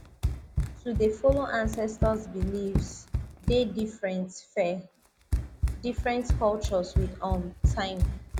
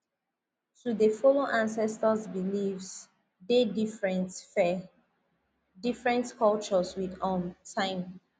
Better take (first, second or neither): second